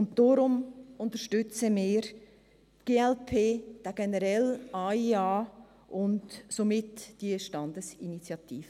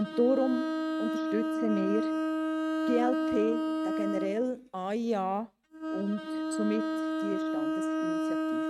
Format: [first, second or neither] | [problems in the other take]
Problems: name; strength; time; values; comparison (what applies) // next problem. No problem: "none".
first | noise reduction (neural mask model RNNoise)